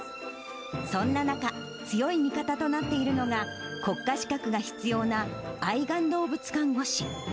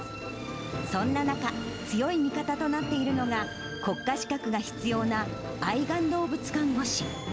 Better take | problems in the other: first | background sound (Accelerating, revving, vroom); 11 dB below the speech

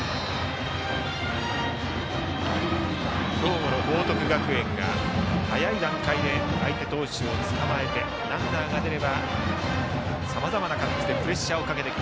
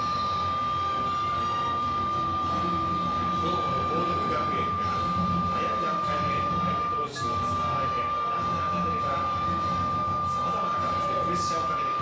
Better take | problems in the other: first | background sound (Wind instrument, woodwind instrument); 5 dB above the speech // room echo; dies away in 0.7 s

